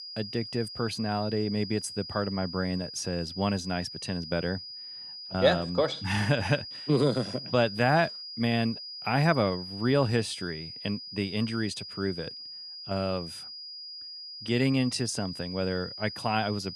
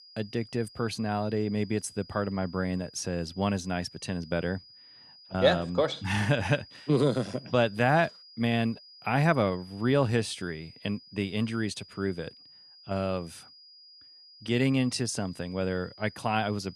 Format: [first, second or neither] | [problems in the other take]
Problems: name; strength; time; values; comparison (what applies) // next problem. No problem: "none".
second | high-pitched whine; loud; throughout; 5 kHz, 9 dB below the speech; faint in the second